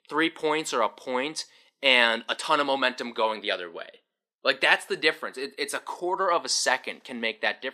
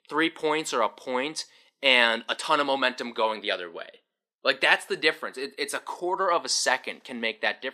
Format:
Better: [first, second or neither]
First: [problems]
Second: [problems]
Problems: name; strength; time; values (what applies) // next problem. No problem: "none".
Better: neither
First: thin; somewhat; fading below 300 Hz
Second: thin; somewhat; fading below 300 Hz